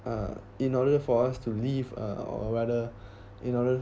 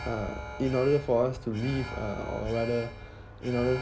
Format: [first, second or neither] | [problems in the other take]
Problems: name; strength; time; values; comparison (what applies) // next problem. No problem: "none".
first | background sound (Alarm); 11 dB below the speech